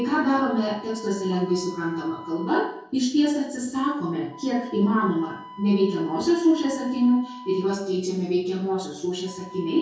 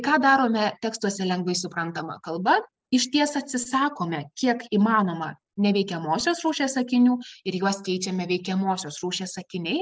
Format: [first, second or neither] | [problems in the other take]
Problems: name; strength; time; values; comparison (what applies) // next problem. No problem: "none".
second | background sound (Wind instrument, woodwind instrument); 19 dB below the speech // room echo; dies away in 0.6 s